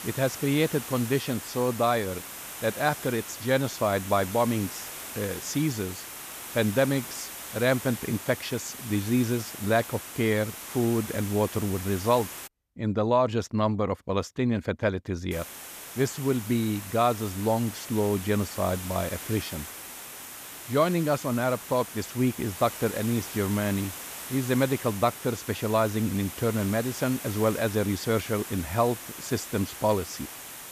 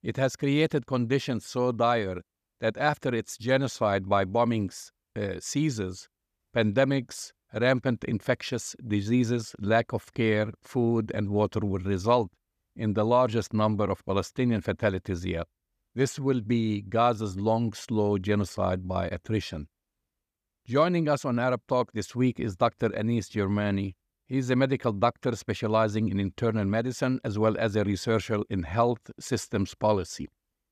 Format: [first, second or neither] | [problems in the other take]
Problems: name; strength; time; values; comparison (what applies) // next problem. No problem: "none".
second | hiss; loud; until 12 s and from 15 s on; 10 dB below the speech